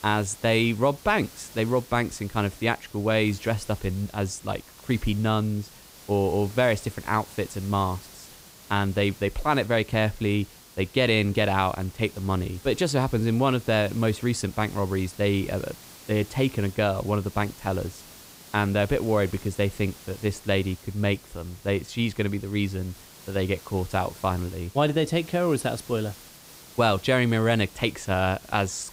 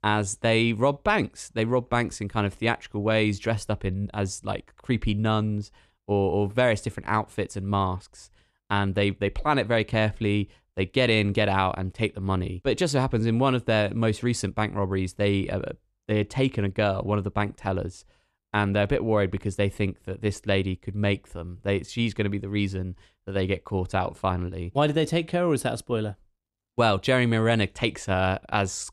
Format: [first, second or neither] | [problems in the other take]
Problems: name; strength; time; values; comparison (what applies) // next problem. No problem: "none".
second | hiss; noticeable; throughout; 20 dB below the speech